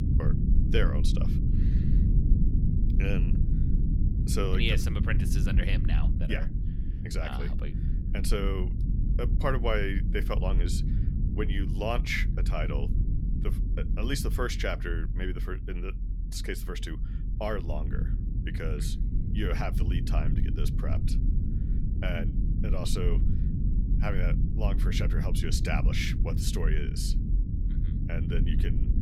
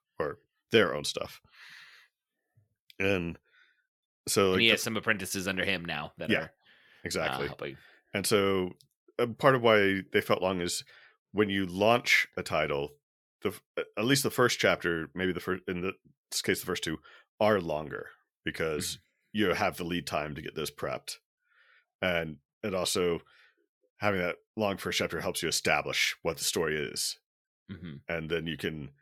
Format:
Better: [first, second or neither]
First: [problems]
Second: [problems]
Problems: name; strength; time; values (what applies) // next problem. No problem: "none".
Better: second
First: low rumble; loud; throughout; 7 dB below the speech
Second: none